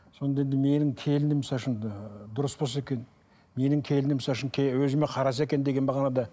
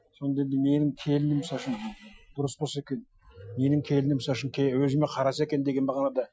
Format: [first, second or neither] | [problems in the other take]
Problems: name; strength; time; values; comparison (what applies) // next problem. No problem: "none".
first | noise reduction (classical method Wiener filter)